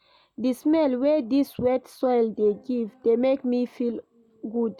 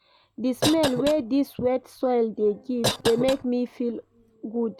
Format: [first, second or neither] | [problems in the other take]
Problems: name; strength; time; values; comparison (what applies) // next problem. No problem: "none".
first | background sound (Cough); 7 dB below the speech